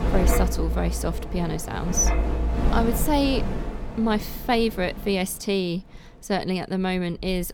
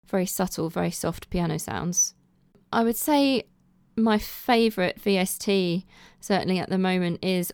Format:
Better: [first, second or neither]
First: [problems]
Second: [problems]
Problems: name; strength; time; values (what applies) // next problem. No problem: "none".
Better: second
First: wind in the background; loud; throughout; 2 dB below the speech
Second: none